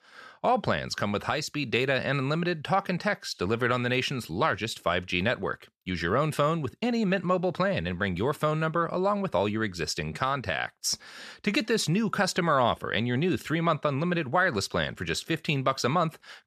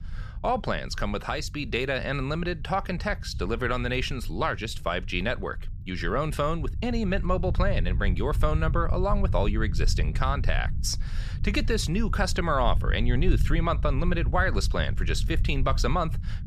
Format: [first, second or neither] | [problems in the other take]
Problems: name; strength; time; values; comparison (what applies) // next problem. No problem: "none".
first | low rumble; noticeable; throughout; 20 dB below the speech